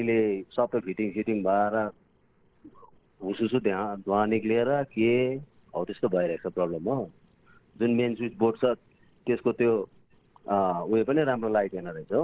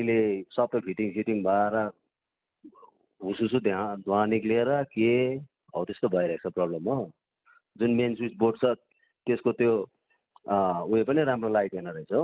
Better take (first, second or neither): second